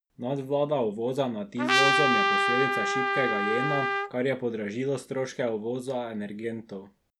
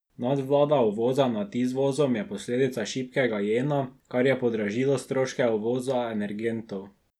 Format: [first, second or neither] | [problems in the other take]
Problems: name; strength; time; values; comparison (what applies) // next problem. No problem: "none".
second | background sound (Trumpet); 4 dB above the speech